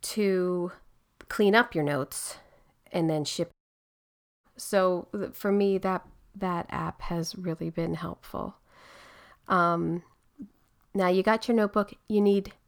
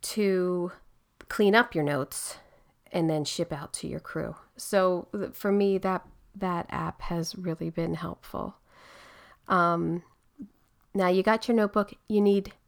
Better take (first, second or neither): second